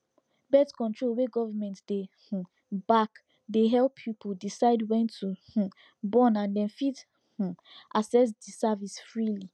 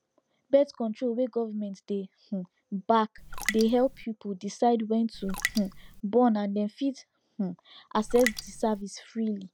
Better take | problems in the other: first | background sound (Raindrop); 7 dB below the speech

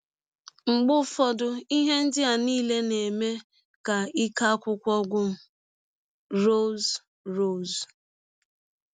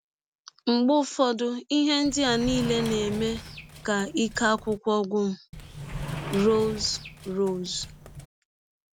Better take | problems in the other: first | background sound (Sliding door); 11 dB below the speech

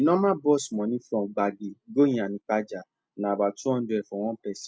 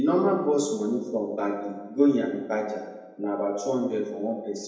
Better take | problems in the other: first | room echo; dies away in 0.9 s

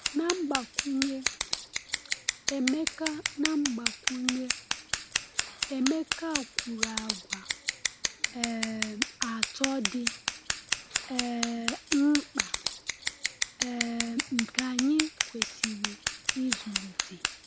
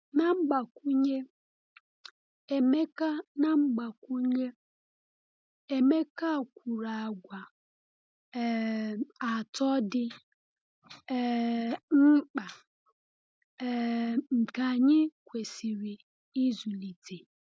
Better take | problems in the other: second | background sound (Scissors); as loud as the speech

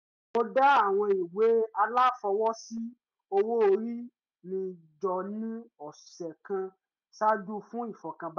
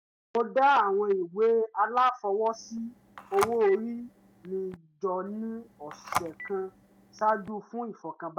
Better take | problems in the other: first | background sound (Telephone); 11 dB below the speech

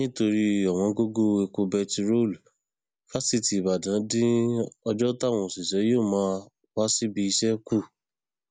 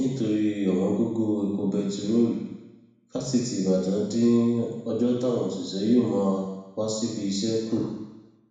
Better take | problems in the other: first | room echo; dies away in 1.1 s

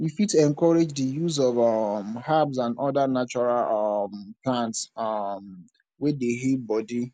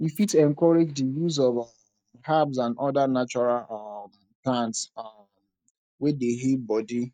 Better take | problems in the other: first | noise reduction (neural mask model DeepFilterNet 3)

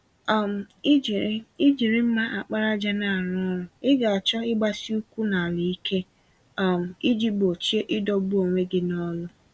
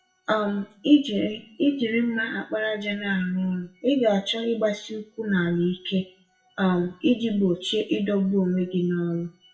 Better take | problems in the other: first | noise reduction (classical method WPE with log-MMSE)

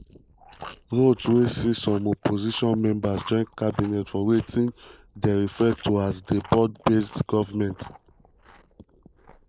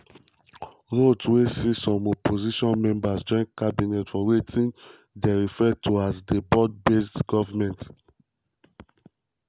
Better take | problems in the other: second | noise reduction (neural mask model Resemble Enhance denoiser)

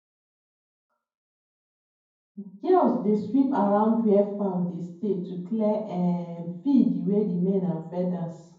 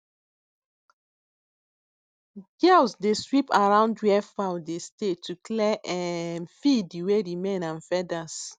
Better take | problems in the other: second | room echo; dies away in 0.9 s

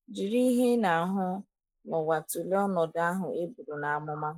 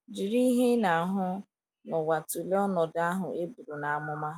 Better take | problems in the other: second | noise reduction (neural mask model Resemble Enhance denoiser)

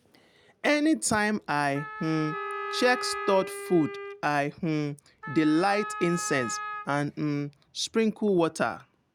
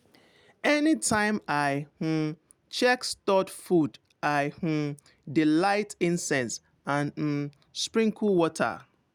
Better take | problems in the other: second | background sound (Wind instrument, woodwind instrument + Wind instrument, woodwind instrument); 9 dB below the speech

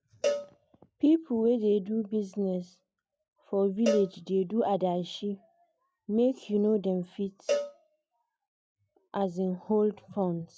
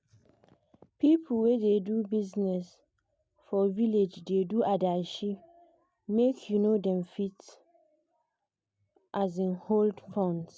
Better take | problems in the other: second | noise reduction (classical method log-MMSE)

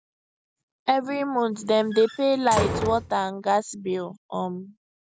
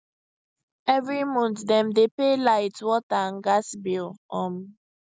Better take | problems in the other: second | background sound (Slam); 6 dB below the speech

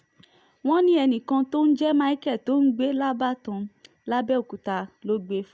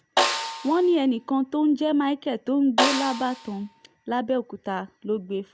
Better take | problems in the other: first | background sound (Snare drum); 5 dB below the speech

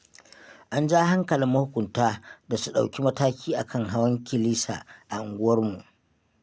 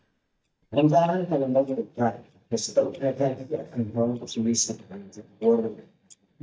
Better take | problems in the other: first | noise reduction (neural mask model DeepFilterNet 3)

